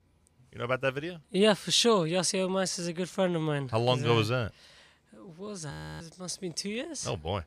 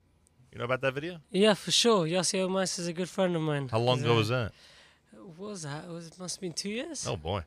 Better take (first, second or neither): second